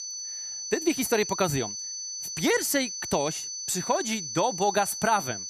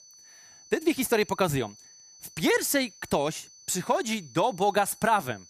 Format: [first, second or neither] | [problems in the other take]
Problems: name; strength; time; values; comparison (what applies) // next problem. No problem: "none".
second | high-pitched whine; loud; throughout; 6 kHz, 5 dB below the speech; faint in the second